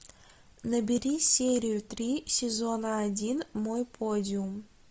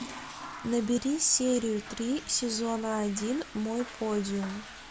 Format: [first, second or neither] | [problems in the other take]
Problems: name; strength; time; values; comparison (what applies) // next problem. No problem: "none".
first | background sound (Toilet flush / Water); 14 dB below the speech